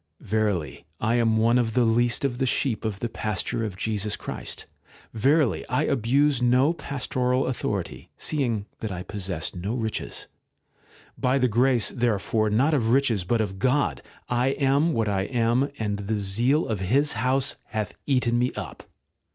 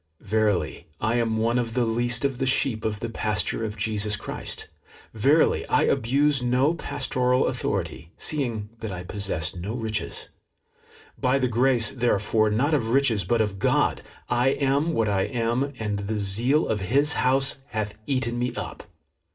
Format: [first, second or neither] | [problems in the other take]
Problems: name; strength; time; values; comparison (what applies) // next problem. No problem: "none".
first | room echo; dies away in 0.2 s